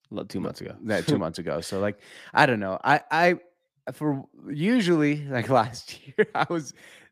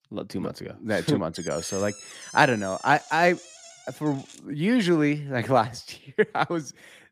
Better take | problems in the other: first | door banging; faint; from 1.5 to 4.5 s; peak 10 dB below the speech

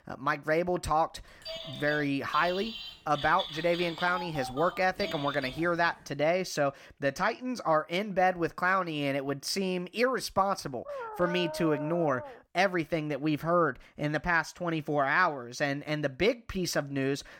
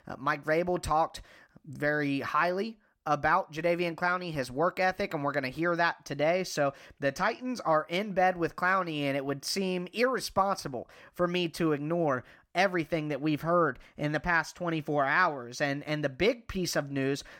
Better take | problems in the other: second | phone ringing; noticeable; from 1.5 to 6 s; peak 7 dB below the speech // dog barking; noticeable; from 11 to 12 s; peak 7 dB below the speech

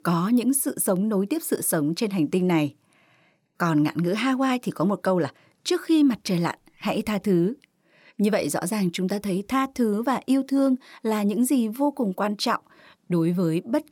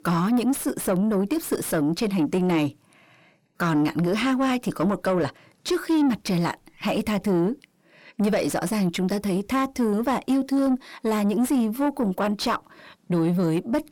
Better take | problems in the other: first | distortion; slight; 10 dB below the speech

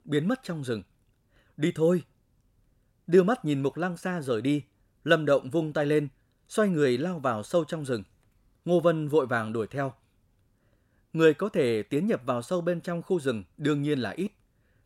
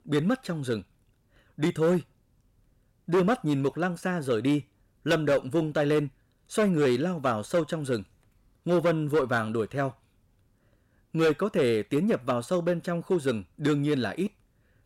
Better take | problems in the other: first | distortion; slight; 5% of the sound clipped

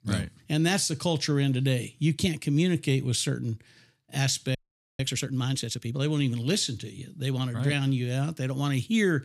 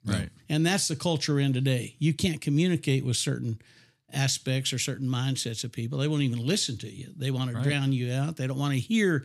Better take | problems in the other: second | audio freezing; at 4.5 s

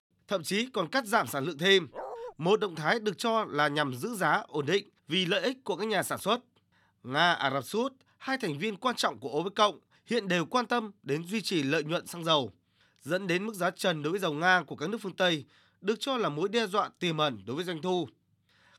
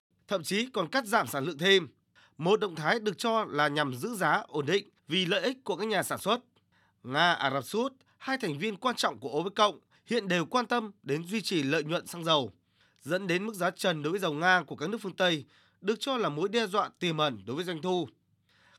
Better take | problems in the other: second | dog barking; faint; at 2 s; peak 10 dB below the speech

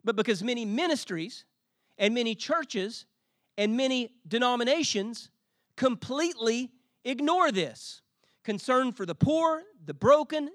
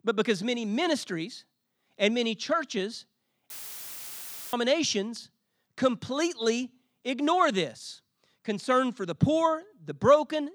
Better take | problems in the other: first | audio cutting out; filled with static; at 3.5 s for 1 s

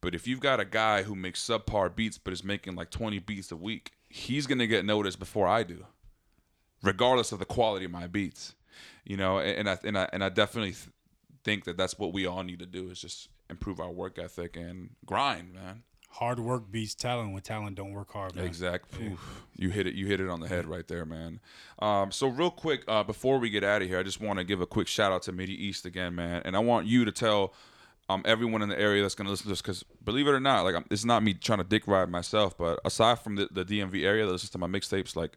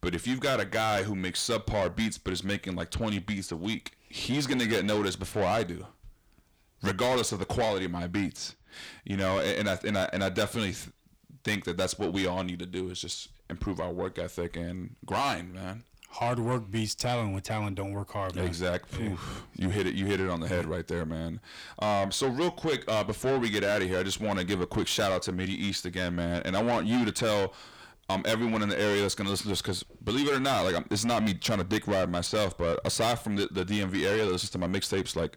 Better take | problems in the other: first | distortion; heavy; 6 dB below the speech

